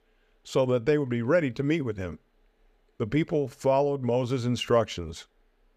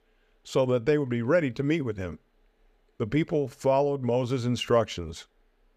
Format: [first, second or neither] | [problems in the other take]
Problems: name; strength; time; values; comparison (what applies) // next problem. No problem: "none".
neither | none